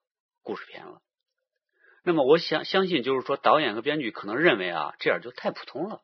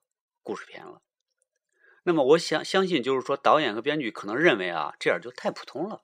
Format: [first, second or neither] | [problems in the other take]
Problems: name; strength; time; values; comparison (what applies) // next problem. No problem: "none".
second | garbled, watery; badly; nothing above 5 kHz